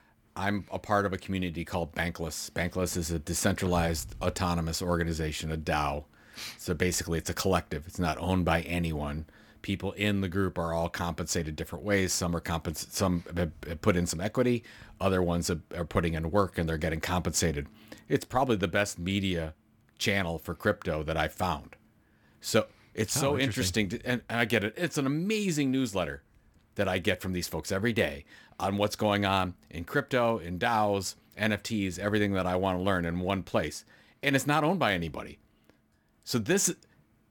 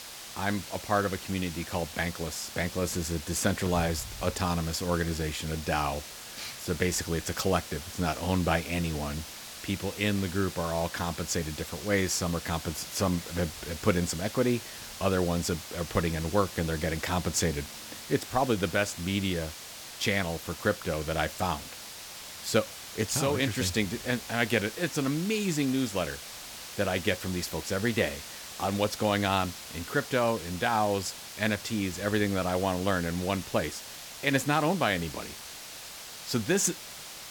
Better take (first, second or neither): first